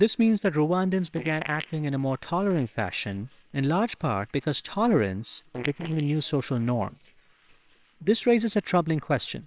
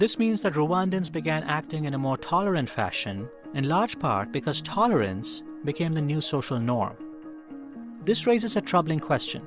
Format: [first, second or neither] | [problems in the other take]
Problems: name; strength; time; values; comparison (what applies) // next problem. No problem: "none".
second | noise reduction (neural separator model SepFormer WHAMR!)